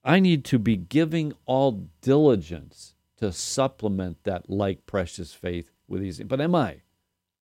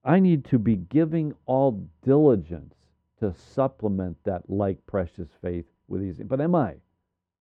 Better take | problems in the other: first | muffled; very; fading above 3 kHz

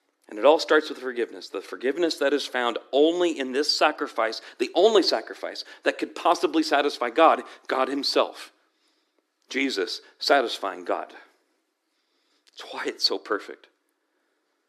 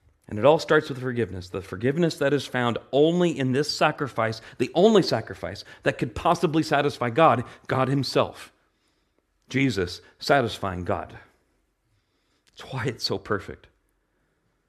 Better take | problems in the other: second | thin; somewhat; fading below 300 Hz

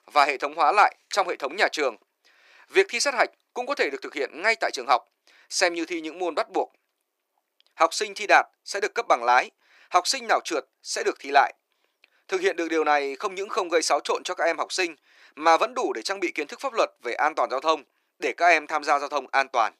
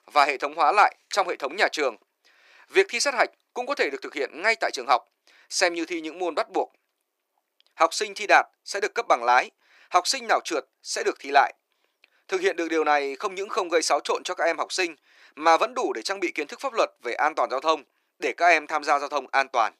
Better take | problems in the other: neither | thin; very; fading below 350 Hz; the same in both

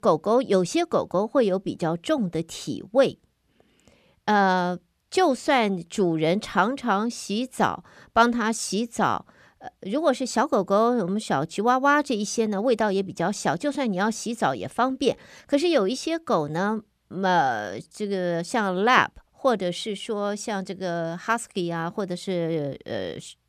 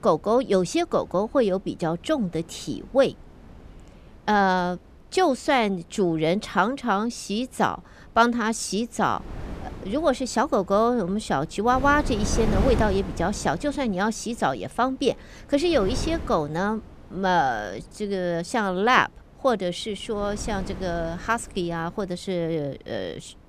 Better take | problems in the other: first | wind noise on the microphone; occasional gusts; 15 dB below the speech

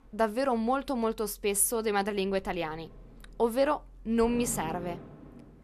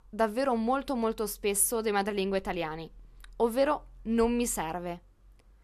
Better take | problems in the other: second | rain or running water; noticeable; throughout; 15 dB below the speech

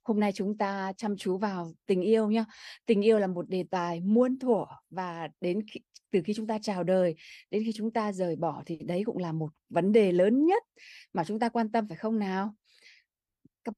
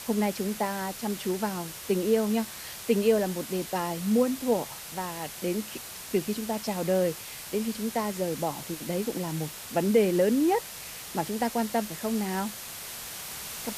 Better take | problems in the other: first | hiss; loud; throughout; 9 dB below the speech

